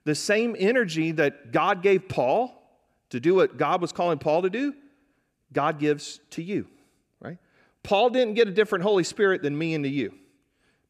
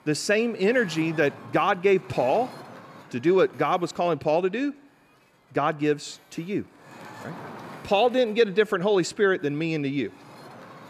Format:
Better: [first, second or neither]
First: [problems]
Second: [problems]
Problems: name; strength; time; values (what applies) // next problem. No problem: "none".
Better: first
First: none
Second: wind noise on the microphone; occasional gusts; 20 dB below the speech